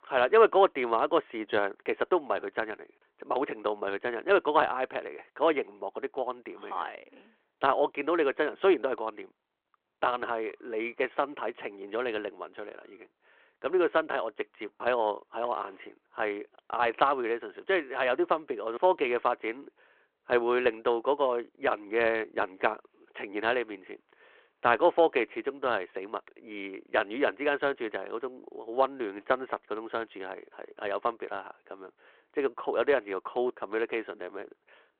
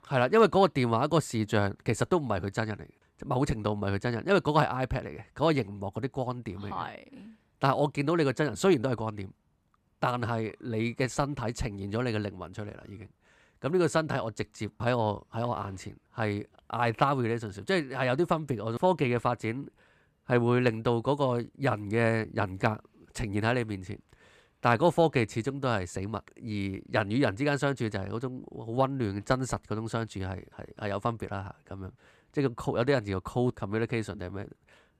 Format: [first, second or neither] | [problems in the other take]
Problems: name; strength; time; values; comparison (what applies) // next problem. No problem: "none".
second | phone-call audio